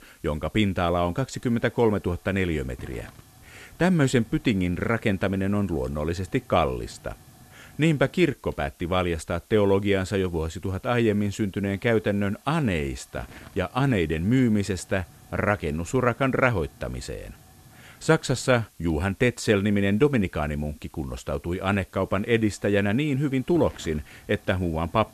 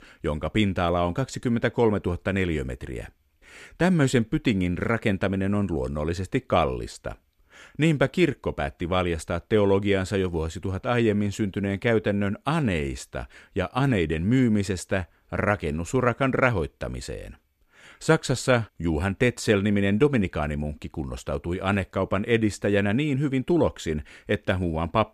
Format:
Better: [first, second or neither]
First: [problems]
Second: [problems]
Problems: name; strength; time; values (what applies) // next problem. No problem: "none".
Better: second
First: hiss; faint; throughout; 25 dB below the speech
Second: none